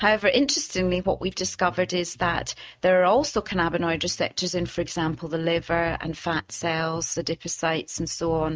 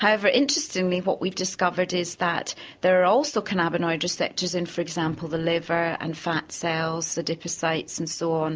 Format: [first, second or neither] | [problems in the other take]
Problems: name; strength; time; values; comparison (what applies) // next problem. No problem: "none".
second | noise reduction (neural mask model RNNoise)